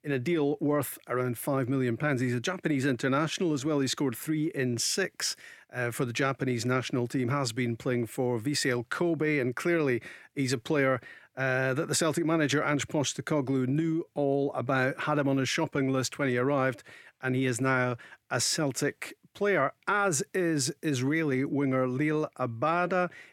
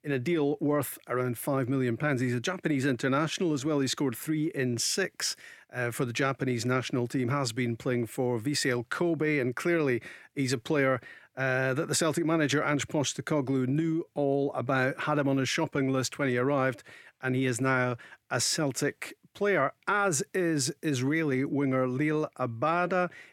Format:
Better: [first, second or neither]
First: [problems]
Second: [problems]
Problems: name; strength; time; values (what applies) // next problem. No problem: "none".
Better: neither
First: none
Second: none